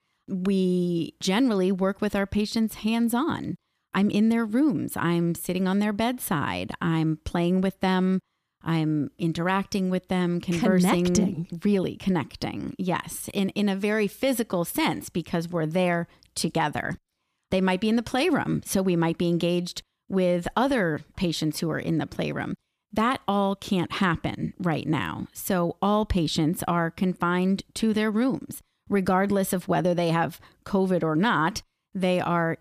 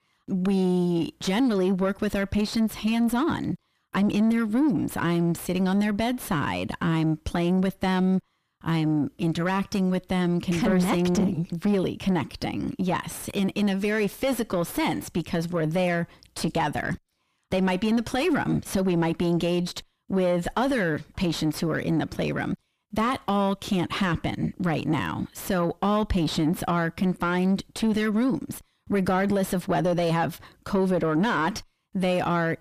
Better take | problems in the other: first | distortion; slight; 9 dB below the speech

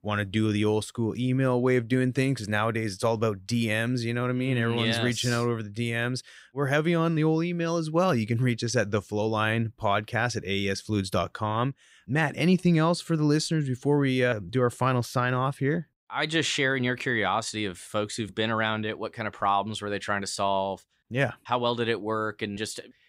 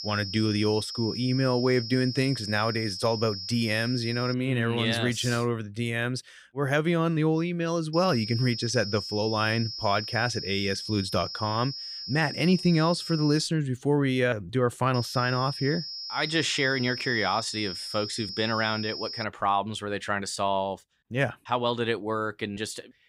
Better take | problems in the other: first | high-pitched whine; loud; until 4.5 s, from 8 to 13 s and from 15 to 19 s; 5 kHz, 7 dB below the speech

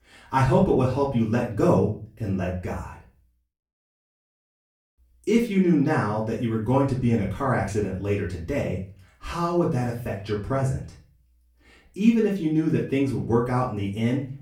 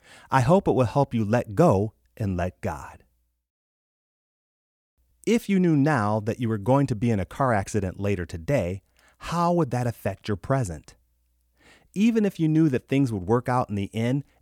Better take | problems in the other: second | room echo; slight; dies away in 0.4 s // off-mic speech; far

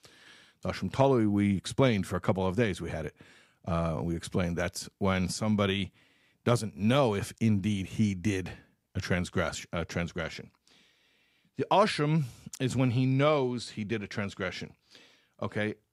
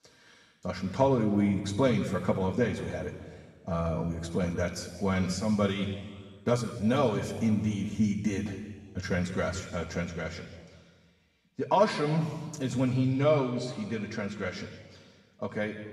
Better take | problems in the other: first | room echo; noticeable; dies away in 1.5 s // off-mic speech; far

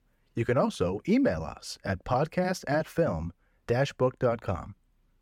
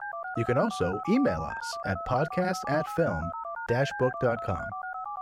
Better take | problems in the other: first | phone ringing; noticeable; peak 6 dB below the speech

